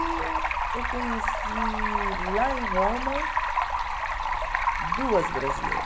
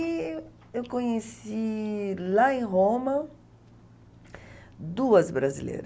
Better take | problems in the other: second | background sound (Stream); 5 dB above the speech

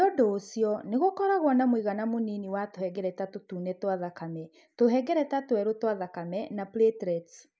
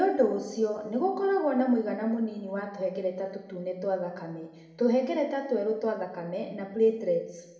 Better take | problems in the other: first | room echo; dies away in 0.9 s

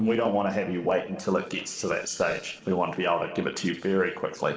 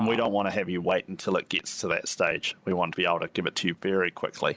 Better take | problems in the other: second | noise reduction (neural separator model SepFormer DNS4)

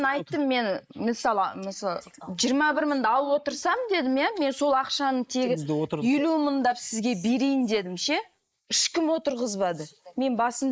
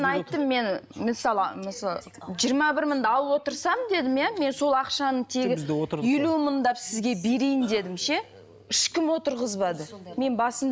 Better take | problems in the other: second | noise reduction (neural mask model Resemble Enhance denoiser)

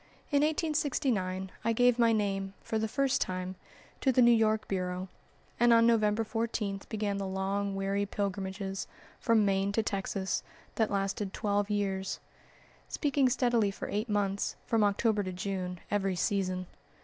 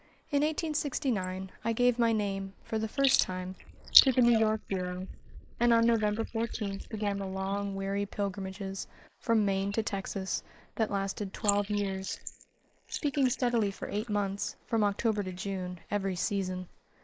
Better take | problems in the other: first | noise reduction (neural mask model Resemble Enhance denoiser)

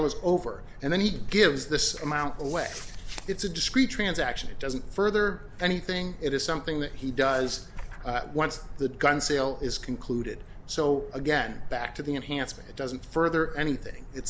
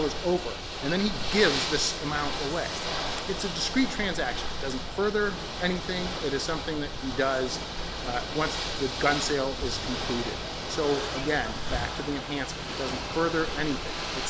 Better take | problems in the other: first | background sound (Ocean / Boat, Water vehicle); 4 dB below the speech

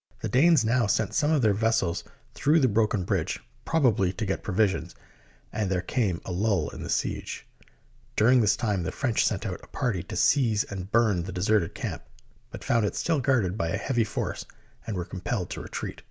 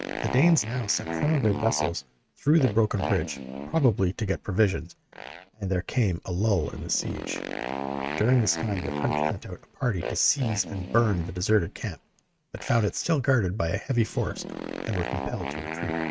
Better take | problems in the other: first | noise reduction (neural mask model RNNoise)

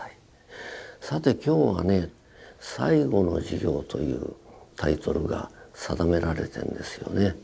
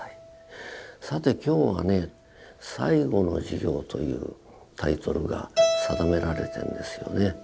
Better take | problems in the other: first | background sound (Keyboard (musical)); 6 dB below the speech

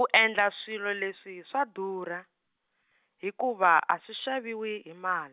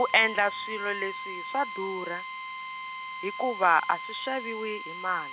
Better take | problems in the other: first | background sound (Drill); 8 dB below the speech

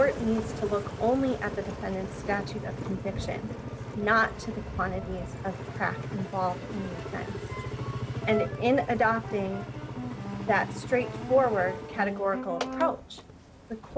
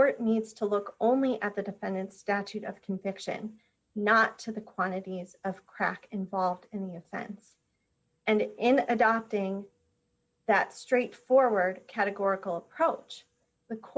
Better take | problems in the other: second | background sound (Engine); 6 dB below the speech

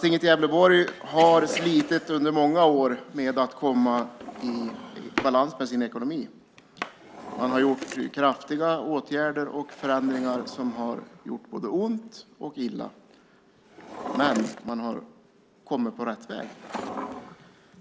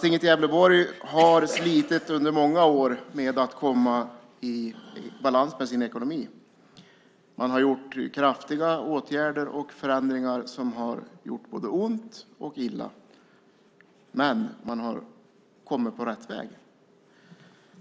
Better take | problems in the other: second | background sound (Drawer open or close); 14 dB below the speech

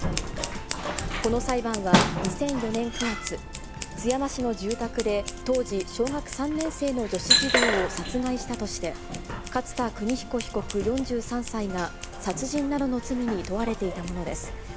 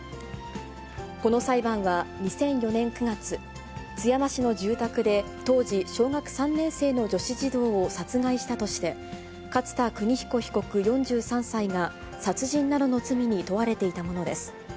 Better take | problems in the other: second | background sound (Scissors); 2 dB below the speech

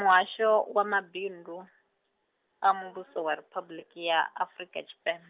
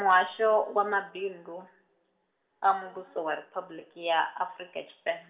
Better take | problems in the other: first | room echo; dies away in 1.8 s

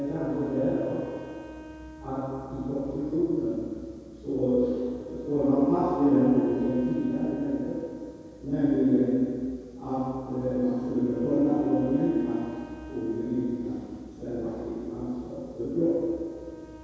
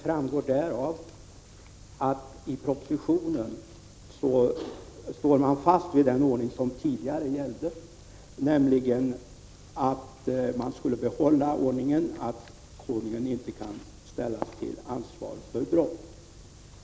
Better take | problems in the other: second | background sound (Wind instrument, woodwind instrument); 20 dB below the speech // room echo; dies away in 2 s

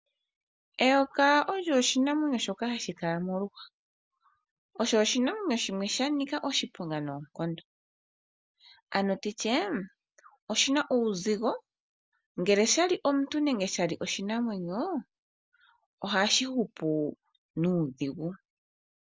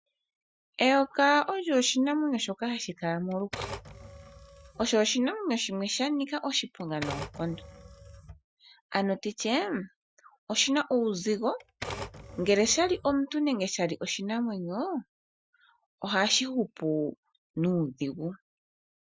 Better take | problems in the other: first | noise reduction (classical method Wiener filter)

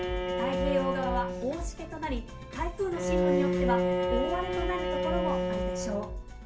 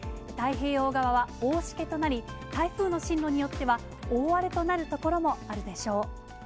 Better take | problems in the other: second | background sound (Bowed string instrument); 3 dB above the speech // room echo; dies away in 0.3 s

